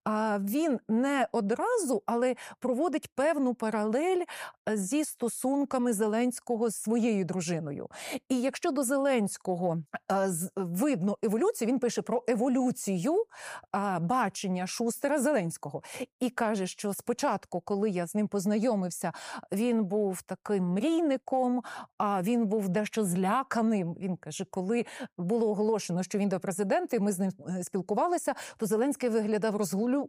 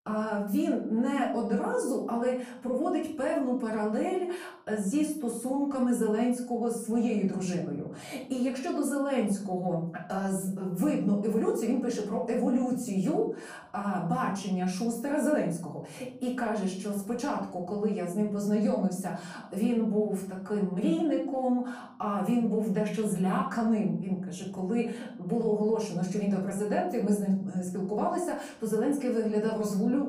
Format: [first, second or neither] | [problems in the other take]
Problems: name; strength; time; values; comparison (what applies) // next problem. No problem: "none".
first | off-mic speech; far // room echo; slight; dies away in 0.6 s